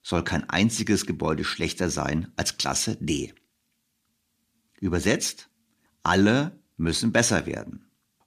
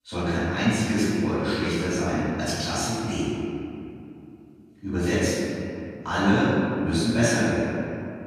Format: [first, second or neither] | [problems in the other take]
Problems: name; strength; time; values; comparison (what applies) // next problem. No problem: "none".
first | off-mic speech; far // room echo; strong; dies away in 2.6 s